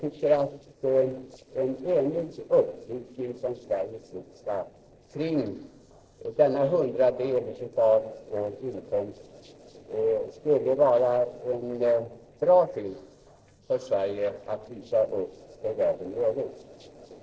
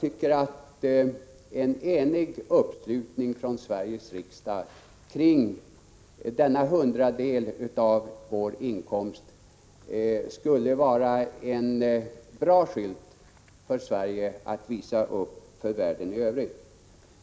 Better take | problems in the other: second | noise reduction (neural separator model SepFormer DNS4)

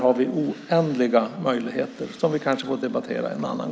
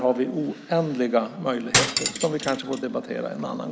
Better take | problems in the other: first | background sound (Cutlery, silverware); as loud as the speech

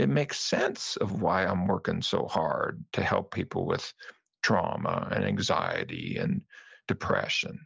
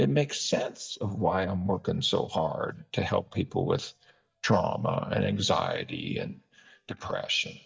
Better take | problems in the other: first | noise reduction (neural mask model DeepFilterNet 3)

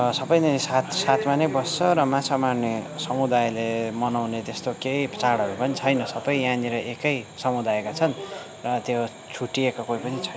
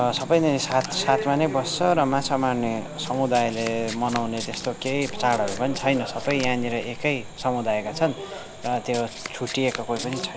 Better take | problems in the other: first | background sound (Crumpling, crinkling + Domestic sounds, home sounds); 13 dB below the speech

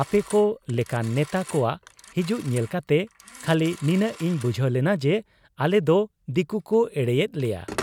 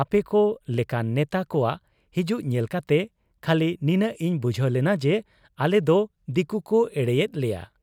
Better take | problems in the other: second | background sound (Telephone); 19 dB below the speech

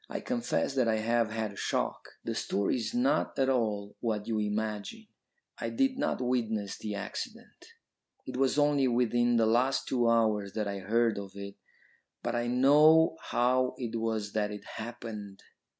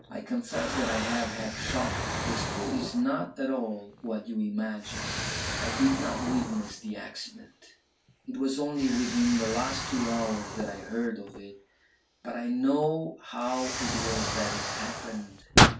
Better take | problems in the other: first | background sound (Explosion); 1 dB below the speech // room echo; dies away in 0.2 s

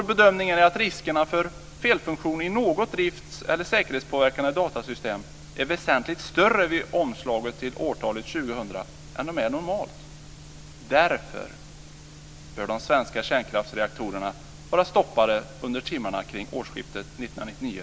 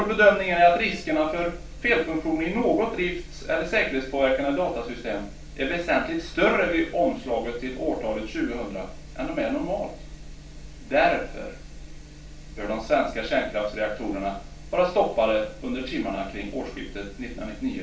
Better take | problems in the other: first | room echo; dies away in 0.3 s

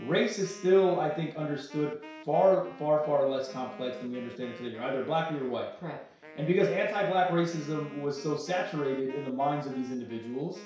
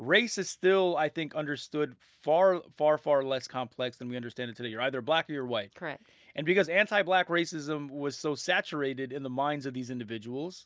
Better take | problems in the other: second | background sound (Wind instrument, woodwind instrument); 19 dB below the speech // room echo; dies away in 0.6 s

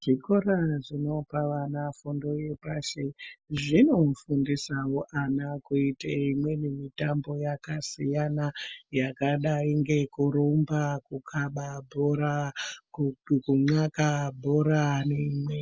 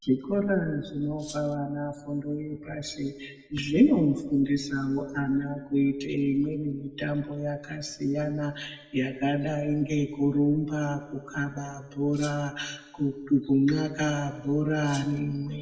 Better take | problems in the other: first | background sound (Rattle (instrument)); 18 dB below the speech // room echo; dies away in 1.1 s

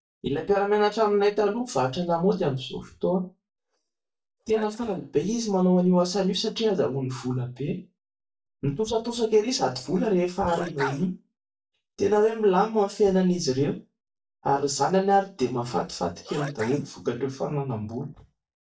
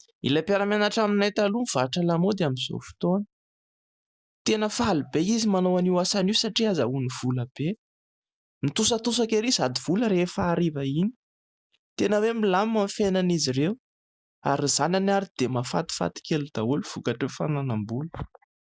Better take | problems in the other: second | noise reduction (neural mask model DeepFilterNet 3)

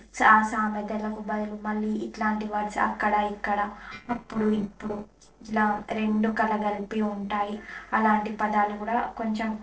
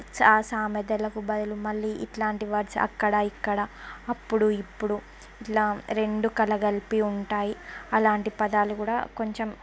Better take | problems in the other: second | noise reduction (neural separator model SepFormer DNS4)

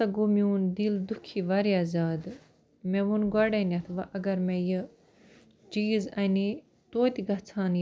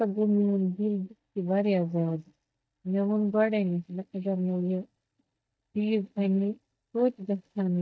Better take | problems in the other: first | noise reduction (neural mask model DeepFilterNet 3)

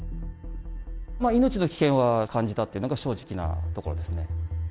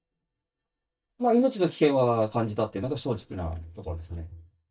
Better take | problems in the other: first | noise reduction (neural mask model DeepFilterNet 3)

